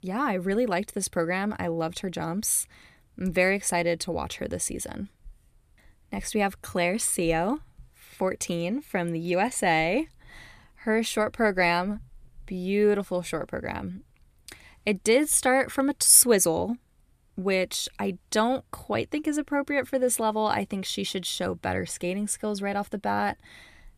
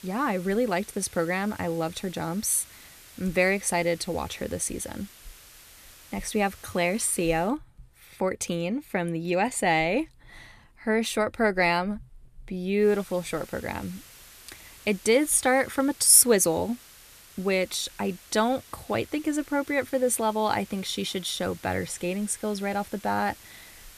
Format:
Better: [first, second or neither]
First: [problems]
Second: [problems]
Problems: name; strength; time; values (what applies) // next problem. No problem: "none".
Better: first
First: none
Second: hiss; faint; until 7.5 s and from 13 s on; 20 dB below the speech